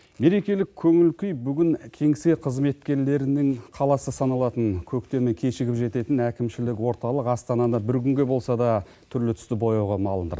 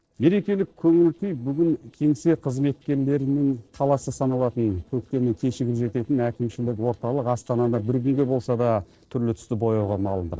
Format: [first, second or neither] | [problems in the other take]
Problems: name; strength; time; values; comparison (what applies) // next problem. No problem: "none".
first | noise reduction (neural separator model SepFormer DNS4)